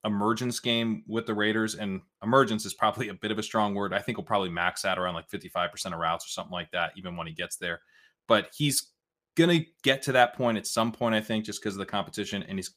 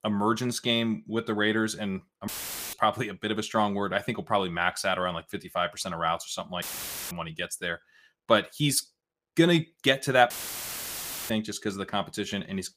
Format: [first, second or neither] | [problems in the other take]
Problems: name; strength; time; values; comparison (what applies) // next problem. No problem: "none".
first | audio cutting out; filled with static; at 2.5 s, at 6.5 s and at 10 s for 1 s